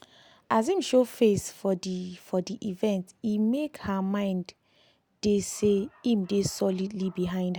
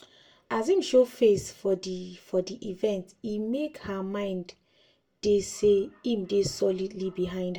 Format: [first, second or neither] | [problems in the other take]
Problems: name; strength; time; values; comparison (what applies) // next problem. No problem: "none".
first | room echo; dies away in 0.2 s